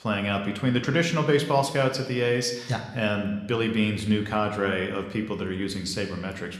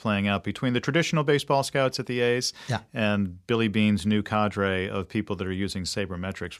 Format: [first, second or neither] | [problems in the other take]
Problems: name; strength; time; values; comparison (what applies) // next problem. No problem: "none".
second | room echo; slight; dies away in 0.9 s